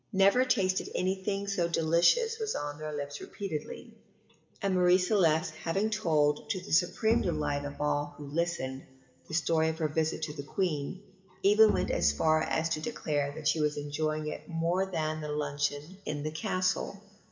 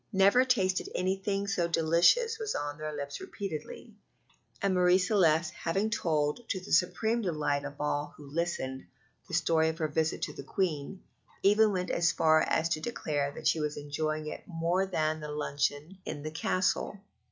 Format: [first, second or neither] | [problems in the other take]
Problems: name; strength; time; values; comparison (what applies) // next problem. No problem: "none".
second | background sound (Bowed string instrument); 9 dB below the speech // room echo; dies away in 2.9 s